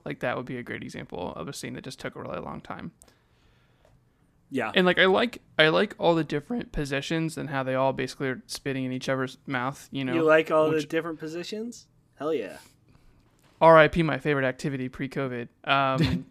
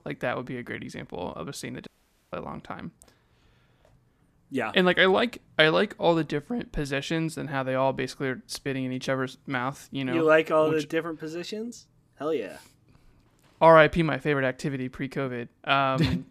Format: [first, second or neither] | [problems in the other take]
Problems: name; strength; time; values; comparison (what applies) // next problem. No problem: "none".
first | audio cutting out; at 2 s